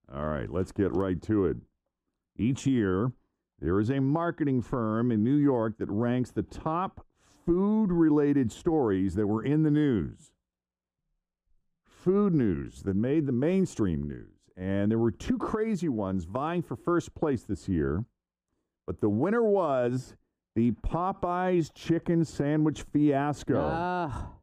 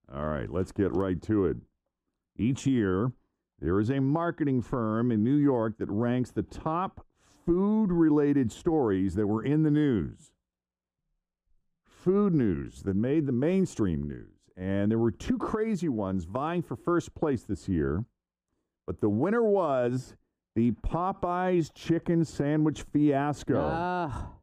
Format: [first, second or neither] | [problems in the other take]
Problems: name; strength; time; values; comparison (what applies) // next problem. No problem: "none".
neither | muffled; slightly; fading above 2 kHz; the same in both